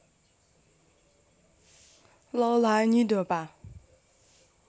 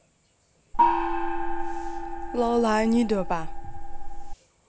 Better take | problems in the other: first | background sound (Gong); 2 dB above the speech

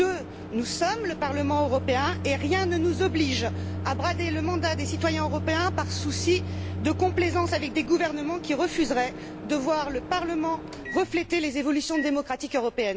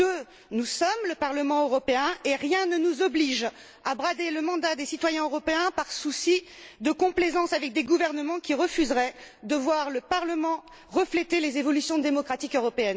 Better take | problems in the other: second | background sound (Microwave oven); 7 dB below the speech

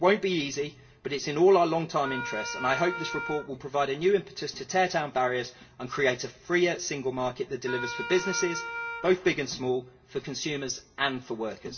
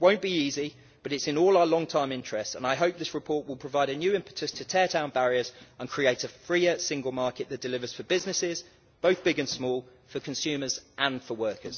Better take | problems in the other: second | background sound (Wind instrument, woodwind instrument); 8 dB below the speech // room echo; dies away in 0.2 s

